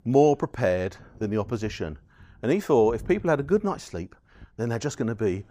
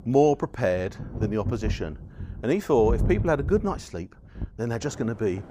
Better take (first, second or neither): first